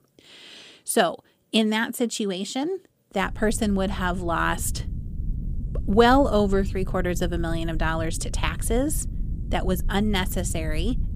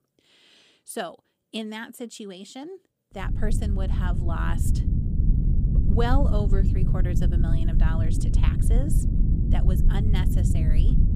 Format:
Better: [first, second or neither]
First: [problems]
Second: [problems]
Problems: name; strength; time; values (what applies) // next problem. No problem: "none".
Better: first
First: low rumble; faint; from 3 s on; 20 dB below the speech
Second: low rumble; loud; from 3 s on; 2 dB below the speech